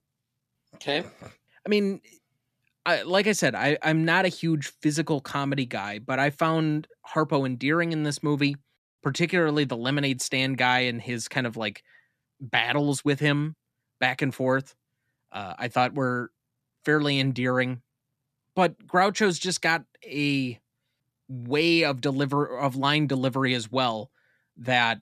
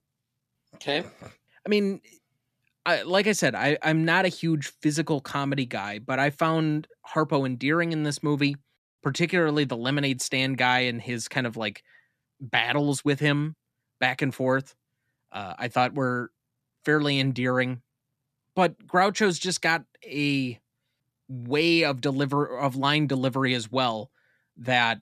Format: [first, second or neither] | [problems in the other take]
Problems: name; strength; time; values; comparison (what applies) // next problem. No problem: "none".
neither | none